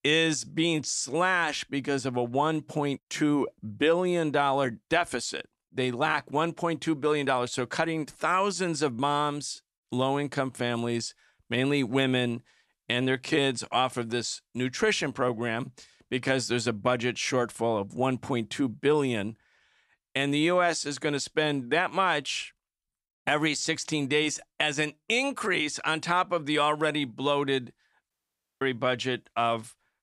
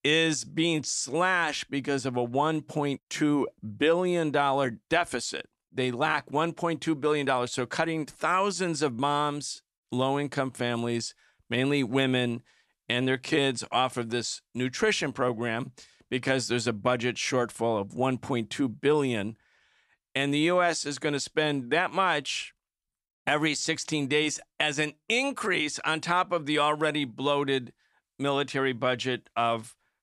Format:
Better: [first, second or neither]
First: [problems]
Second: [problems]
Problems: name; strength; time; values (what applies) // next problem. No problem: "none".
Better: second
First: audio cutting out; at 28 s for 0.5 s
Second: none